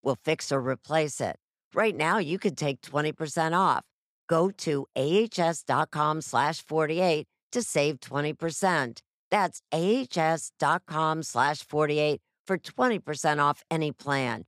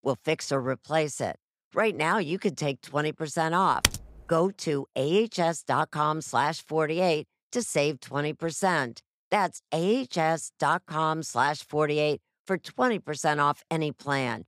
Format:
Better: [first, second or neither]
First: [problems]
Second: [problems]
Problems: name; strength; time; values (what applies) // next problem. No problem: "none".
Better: first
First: none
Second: keyboard typing; loud; at 4 s; peak 1 dB above the speech